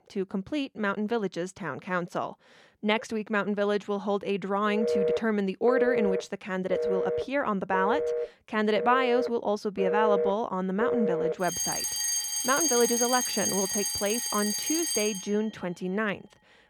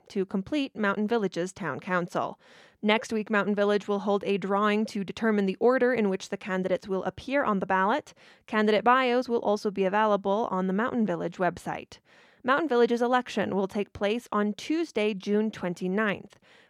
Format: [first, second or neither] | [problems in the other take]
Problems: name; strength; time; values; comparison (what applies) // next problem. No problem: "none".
second | alarms or sirens; very loud; from 5 s on; as loud as the speech